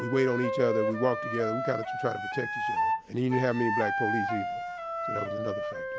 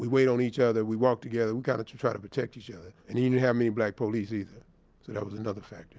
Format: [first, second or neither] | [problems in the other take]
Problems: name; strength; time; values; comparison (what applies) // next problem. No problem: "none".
second | background sound (Wind instrument, woodwind instrument); 1 dB below the speech